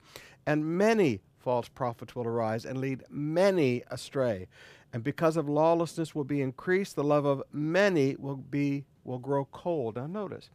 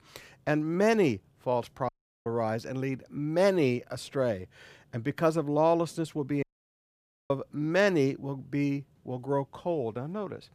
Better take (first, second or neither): first